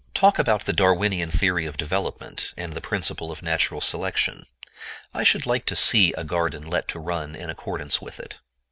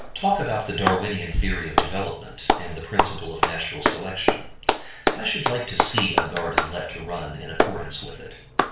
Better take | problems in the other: first | background sound (Clapping); 2 dB above the speech // room echo; dies away in 0.4 s

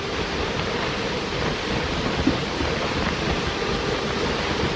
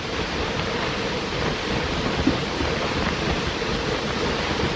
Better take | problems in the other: second | background sound (Wind instrument, woodwind instrument); 14 dB below the speech

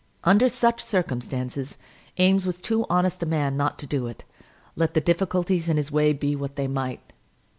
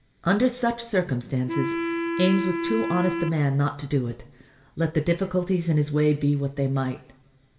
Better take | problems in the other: first | background sound (Wind instrument, woodwind instrument); 4 dB below the speech // room echo; dies away in 0.7 s

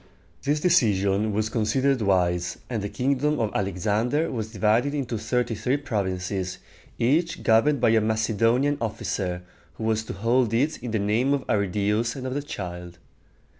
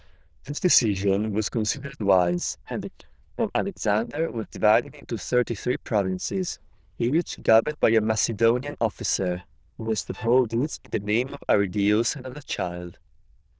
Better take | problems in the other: first | noise reduction (neural diffusion model UNIVERSE++)

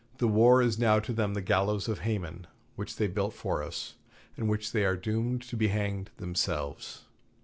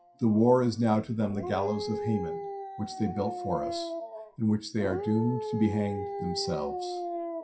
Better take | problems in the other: first | noise reduction (classical method WPE with log-MMSE)

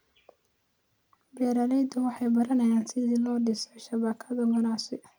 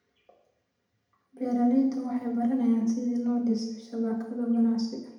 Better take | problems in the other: first | room echo; dies away in 0.8 s

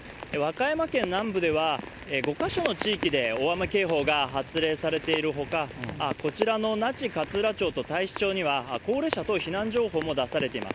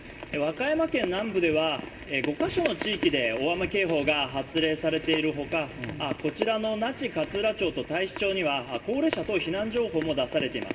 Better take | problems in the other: first | room echo; dies away in 1.9 s

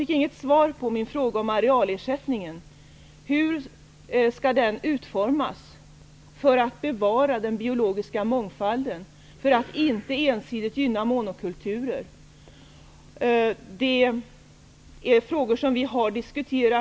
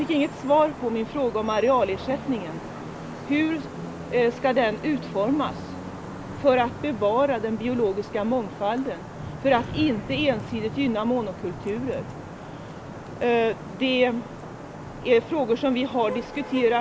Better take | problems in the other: first | background sound (Traffic noise, roadway noise / Vehicle horn, car horn, honking); 11 dB below the speech

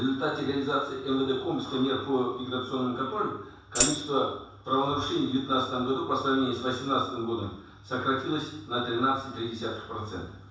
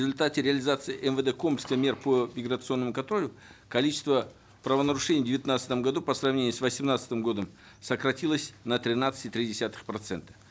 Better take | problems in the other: second | background sound (Tambourine); 1 dB above the speech // room echo; dies away in 0.7 s

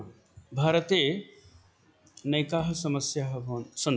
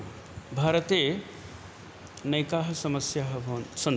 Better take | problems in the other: second | noise reduction (classical method log-MMSE)

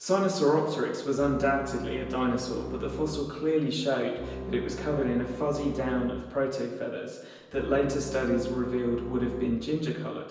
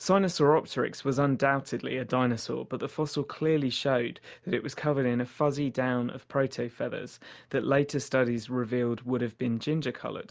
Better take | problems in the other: second | background sound (Bowed string instrument); 11 dB below the speech // room echo; dies away in 1 s

